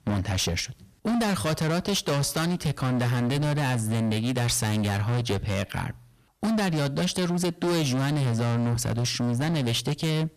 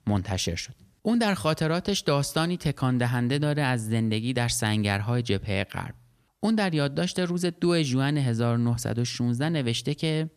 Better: second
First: distortion; heavy; 31% of the sound clipped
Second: none

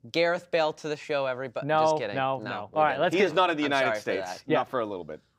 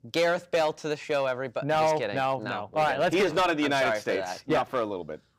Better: first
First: none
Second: distortion; slight; 6% of the sound clipped

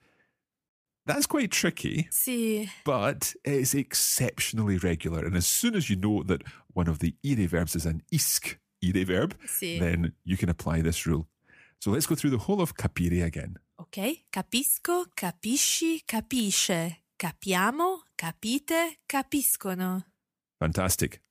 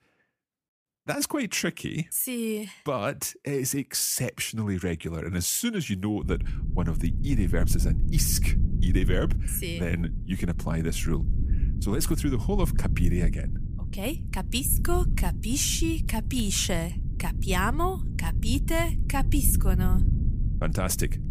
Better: first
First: none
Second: low rumble; noticeable; from 6 s on; 15 dB below the speech

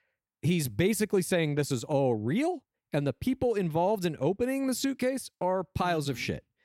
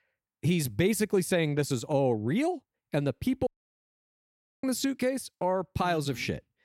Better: first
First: none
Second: audio cutting out; at 3.5 s for 1 s

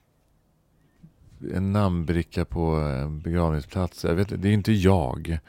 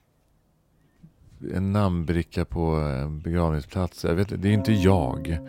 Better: first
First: none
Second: background music; very faint; from 4 s on; 9 dB below the speech

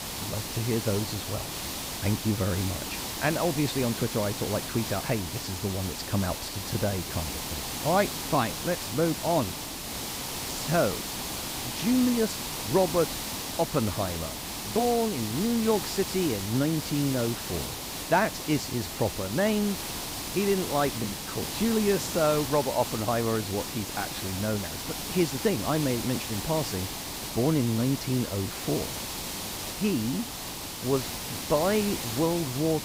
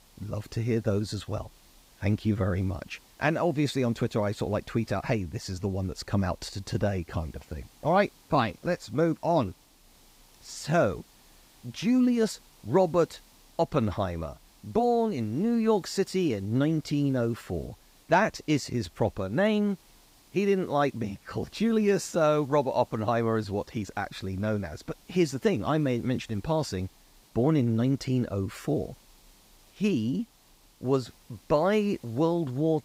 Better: second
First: hiss; loud; throughout; 4 dB below the speech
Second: hiss; faint; throughout; 30 dB below the speech

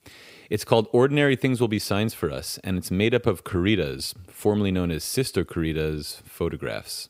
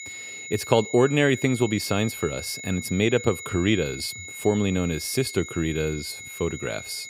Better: first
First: none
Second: high-pitched whine; noticeable; throughout; 2 kHz, 10 dB below the speech

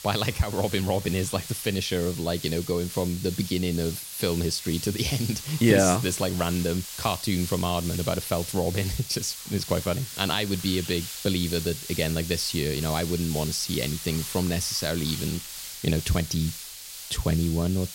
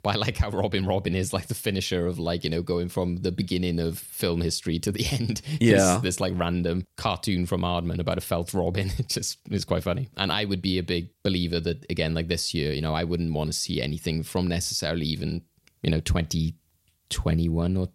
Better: second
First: hiss; loud; throughout; 9 dB below the speech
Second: none

